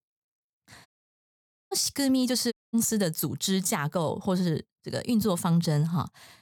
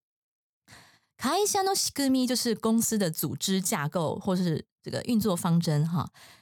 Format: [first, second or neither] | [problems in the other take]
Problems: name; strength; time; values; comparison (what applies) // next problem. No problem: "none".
second | audio cutting out; at 1 s for 1 s and at 2.5 s